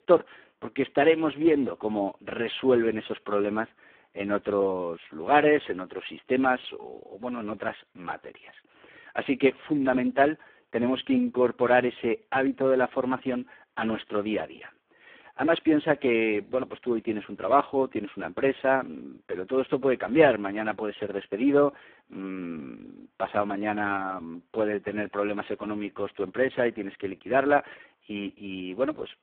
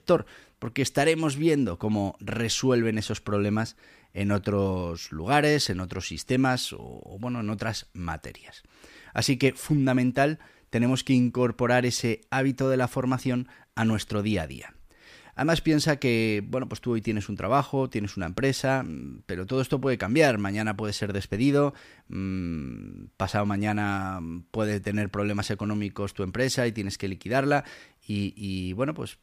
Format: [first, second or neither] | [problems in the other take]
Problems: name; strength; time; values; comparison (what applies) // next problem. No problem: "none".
second | phone-call audio; poor line